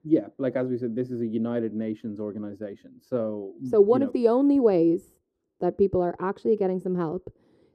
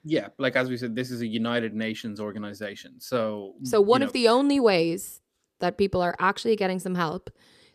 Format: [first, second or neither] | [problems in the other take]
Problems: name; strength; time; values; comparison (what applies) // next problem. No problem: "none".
second | muffled; very; fading above 1.5 kHz